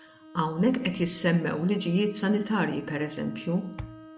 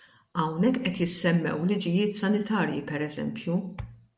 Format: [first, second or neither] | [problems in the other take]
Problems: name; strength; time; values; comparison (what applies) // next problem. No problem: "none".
second | background sound (Bowed string instrument); 19 dB below the speech